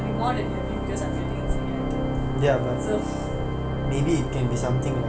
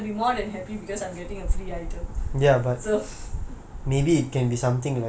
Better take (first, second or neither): second